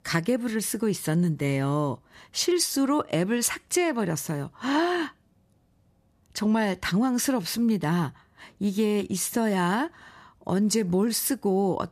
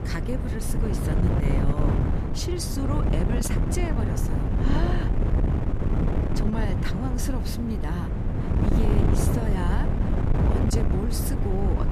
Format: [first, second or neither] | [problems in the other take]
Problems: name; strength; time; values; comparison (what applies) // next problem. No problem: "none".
first | wind noise on the microphone; heavy; 1 dB above the speech